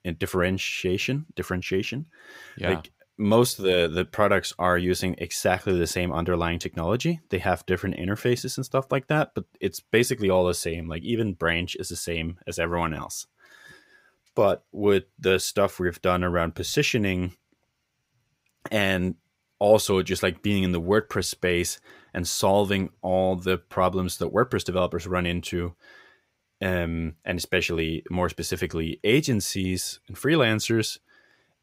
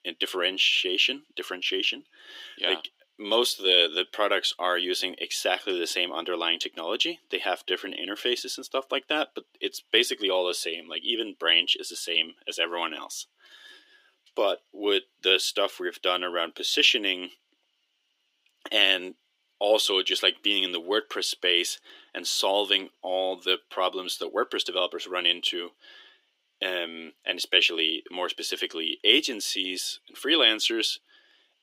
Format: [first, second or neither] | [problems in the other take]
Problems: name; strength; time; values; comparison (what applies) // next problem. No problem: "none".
first | thin; somewhat; fading below 300 Hz